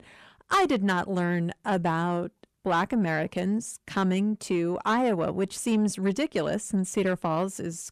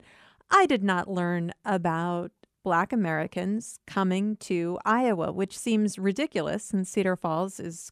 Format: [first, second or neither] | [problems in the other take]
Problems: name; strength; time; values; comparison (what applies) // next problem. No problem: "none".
second | distortion; slight; 10 dB below the speech